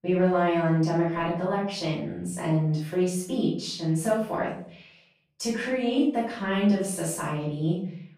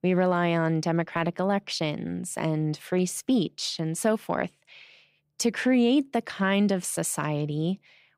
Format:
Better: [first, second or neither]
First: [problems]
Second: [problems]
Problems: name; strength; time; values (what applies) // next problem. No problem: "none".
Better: second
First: off-mic speech; far // room echo; noticeable; dies away in 0.5 s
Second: none